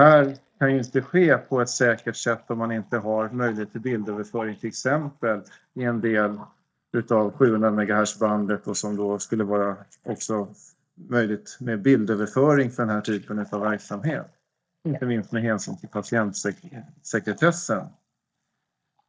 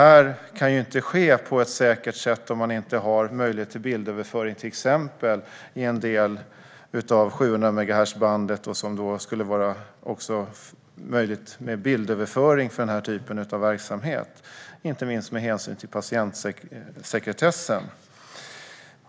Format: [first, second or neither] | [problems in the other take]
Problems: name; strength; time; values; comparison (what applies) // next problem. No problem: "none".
second | noise reduction (neural mask model DeepFilterNet 3)